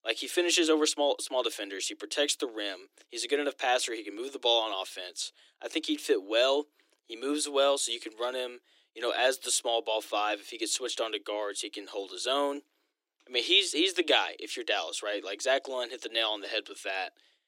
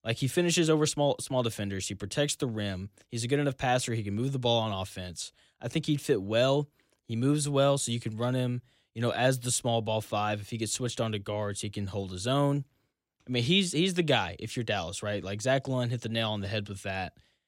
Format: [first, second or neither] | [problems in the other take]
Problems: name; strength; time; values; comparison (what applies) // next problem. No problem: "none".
second | thin; somewhat; fading below 300 Hz